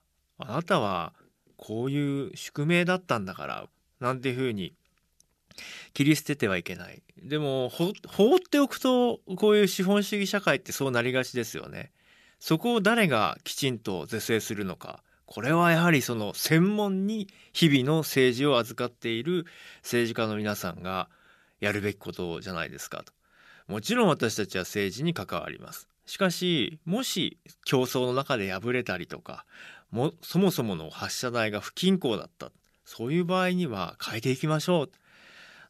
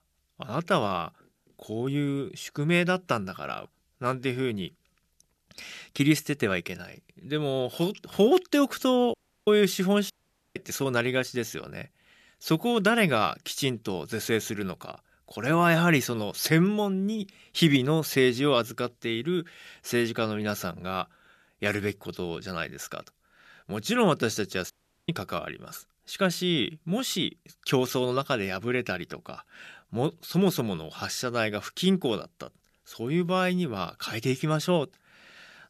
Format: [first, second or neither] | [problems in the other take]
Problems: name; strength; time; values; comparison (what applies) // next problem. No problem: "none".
first | audio cutting out; at 9 s, at 10 s and at 25 s